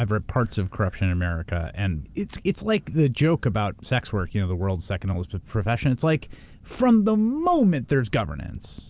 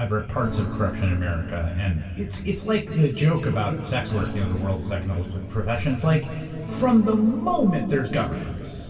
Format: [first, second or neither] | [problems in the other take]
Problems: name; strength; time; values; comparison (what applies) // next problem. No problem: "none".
first | background sound (Acoustic guitar / Strum); 12 dB below the speech // room echo; dies away in 2.6 s